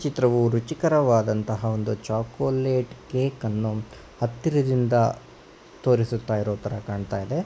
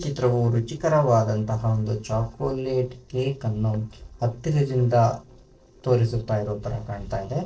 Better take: first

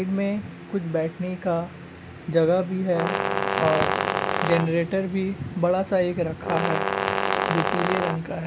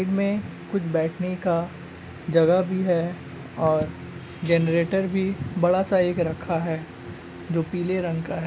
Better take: second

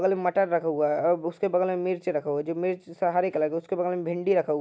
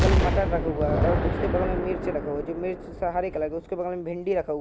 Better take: first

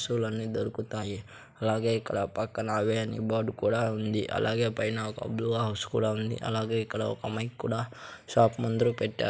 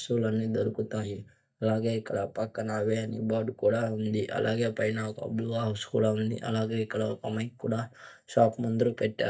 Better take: first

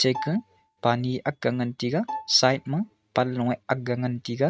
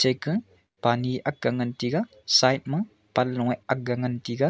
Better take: second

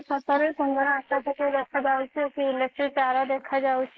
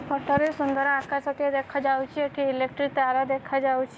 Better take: second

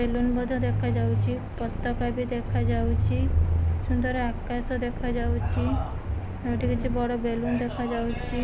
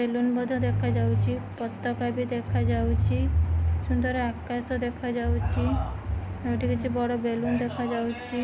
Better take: second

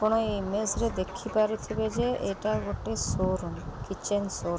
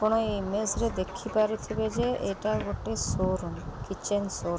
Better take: first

